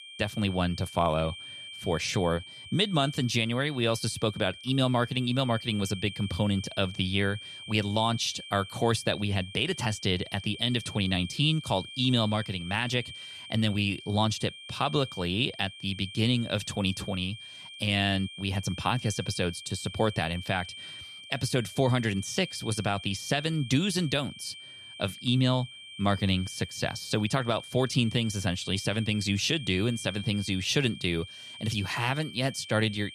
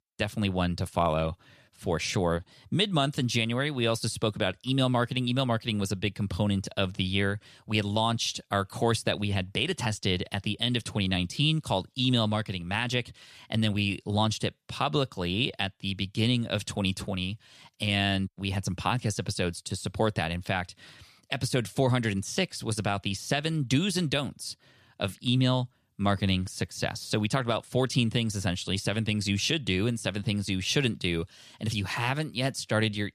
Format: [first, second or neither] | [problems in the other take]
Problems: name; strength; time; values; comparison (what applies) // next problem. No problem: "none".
second | high-pitched whine; noticeable; throughout; 3 kHz, 15 dB below the speech